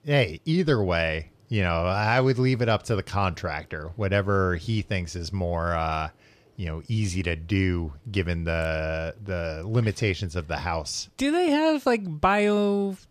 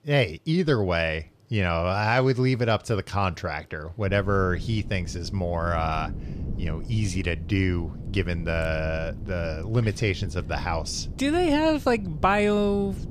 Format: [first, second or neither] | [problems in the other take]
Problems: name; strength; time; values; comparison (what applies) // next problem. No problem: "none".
first | wind noise on the microphone; occasional gusts; from 4 s on; 20 dB below the speech